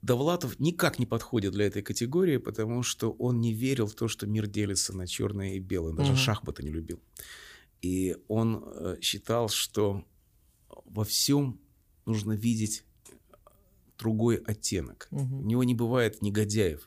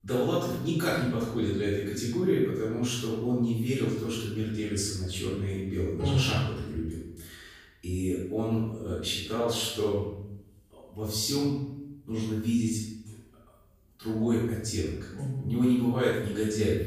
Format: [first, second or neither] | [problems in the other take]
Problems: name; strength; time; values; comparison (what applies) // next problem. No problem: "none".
first | off-mic speech; far // room echo; strong; dies away in 0.7 s